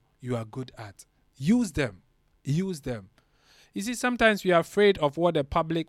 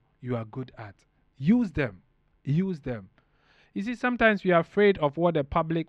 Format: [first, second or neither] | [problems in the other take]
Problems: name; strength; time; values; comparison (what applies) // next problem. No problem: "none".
first | muffled; slightly; fading above 2.5 kHz